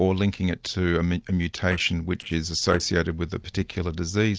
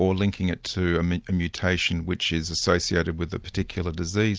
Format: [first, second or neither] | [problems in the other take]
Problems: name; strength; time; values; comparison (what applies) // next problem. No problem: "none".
second | noise reduction (neural separator model SepFormer DNS4)